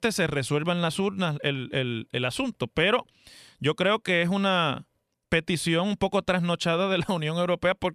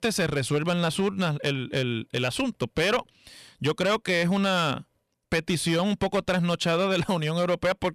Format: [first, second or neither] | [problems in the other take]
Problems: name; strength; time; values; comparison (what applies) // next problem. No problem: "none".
first | distortion; slight; 6% of the sound clipped